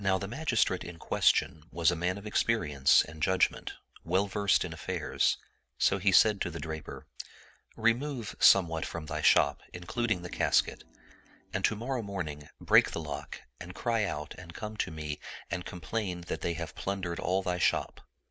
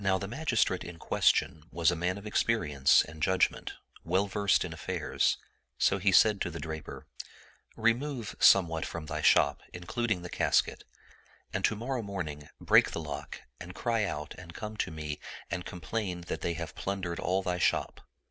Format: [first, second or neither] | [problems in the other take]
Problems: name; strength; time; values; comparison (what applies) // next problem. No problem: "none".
second | background sound (Organ); 19 dB below the speech